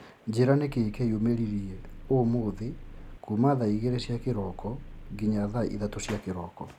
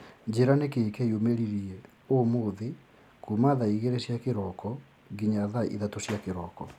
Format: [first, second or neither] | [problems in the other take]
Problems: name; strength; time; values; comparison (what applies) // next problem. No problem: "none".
second | background sound (Engine); 13 dB below the speech